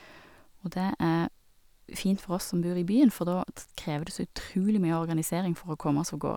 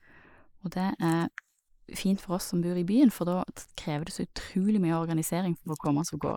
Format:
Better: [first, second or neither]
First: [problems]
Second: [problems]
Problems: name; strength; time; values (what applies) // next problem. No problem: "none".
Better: first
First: none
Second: noise reduction (neural mask model Resemble Enhance denoiser)